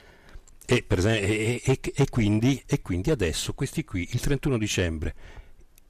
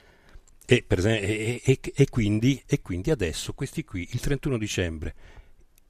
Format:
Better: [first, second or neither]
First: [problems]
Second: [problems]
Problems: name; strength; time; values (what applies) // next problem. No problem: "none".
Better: second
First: distortion; slight; 10 dB below the speech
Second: none